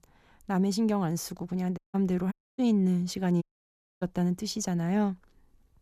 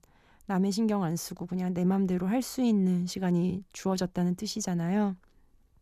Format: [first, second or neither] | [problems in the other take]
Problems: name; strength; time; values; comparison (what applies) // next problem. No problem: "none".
second | audio cutting out; at 2 s, at 2.5 s and at 3.5 s for 0.5 s